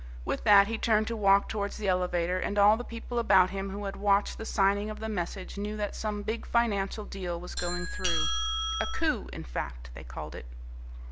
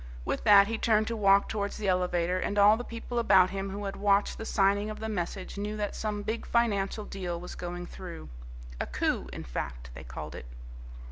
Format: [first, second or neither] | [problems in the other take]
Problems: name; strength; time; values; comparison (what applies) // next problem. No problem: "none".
second | background sound (Doorbell); as loud as the speech